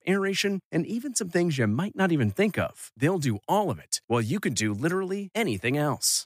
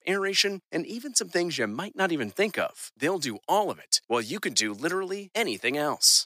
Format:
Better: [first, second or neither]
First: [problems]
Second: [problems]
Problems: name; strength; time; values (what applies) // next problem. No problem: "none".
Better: first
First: none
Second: thin; somewhat; fading below 350 Hz